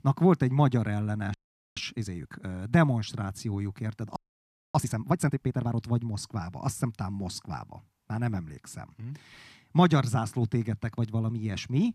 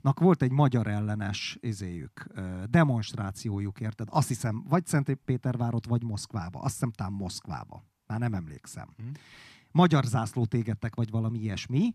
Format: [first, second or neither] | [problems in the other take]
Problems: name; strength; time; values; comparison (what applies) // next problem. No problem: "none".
second | audio freezing; at 1.5 s and at 4 s for 0.5 s